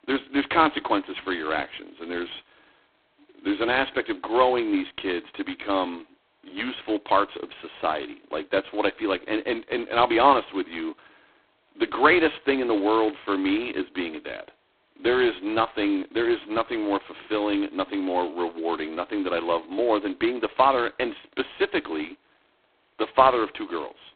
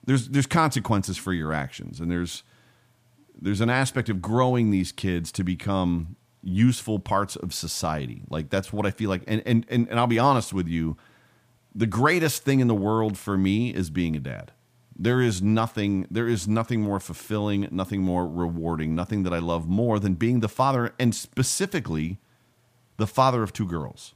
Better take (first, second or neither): second